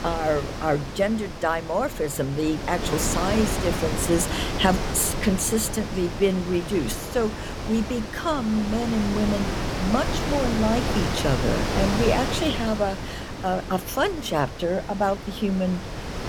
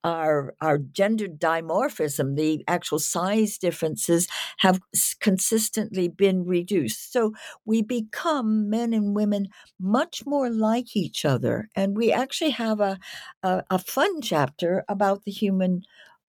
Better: second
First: wind noise on the microphone; heavy; 5 dB below the speech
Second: none

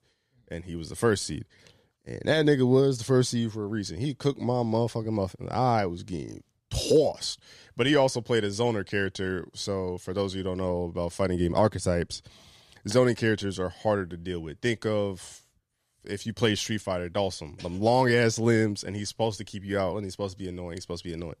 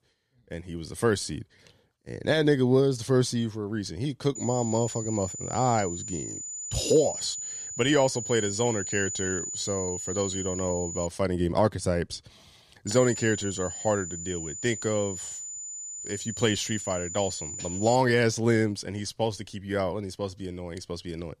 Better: first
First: none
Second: high-pitched whine; loud; from 4.5 to 11 s and from 13 to 18 s; 7 kHz, 6 dB below the speech

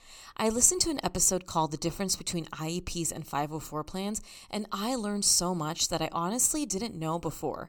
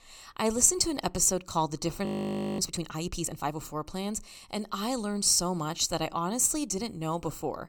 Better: first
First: none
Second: audio freezing; at 2 s for 0.5 s

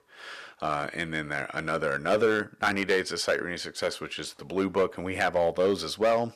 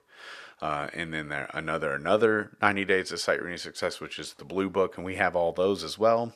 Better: second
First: distortion; slight; 4% of the sound clipped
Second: none

